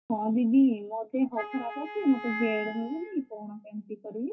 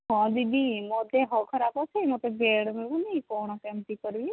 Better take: second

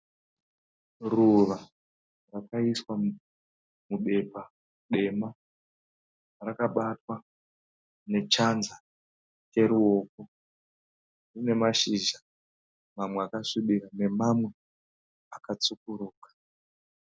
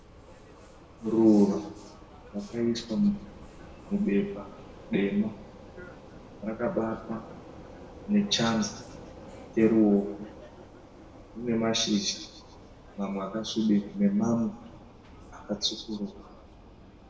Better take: first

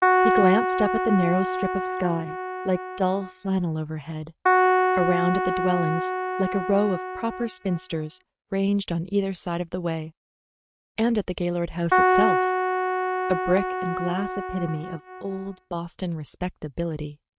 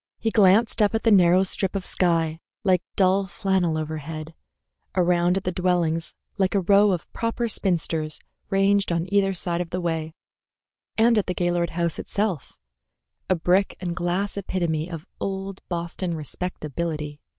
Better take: second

